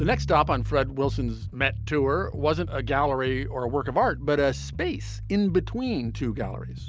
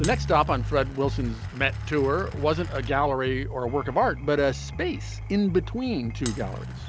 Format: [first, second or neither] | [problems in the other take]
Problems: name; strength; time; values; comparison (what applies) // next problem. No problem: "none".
first | background sound (Glass); 20 dB below the speech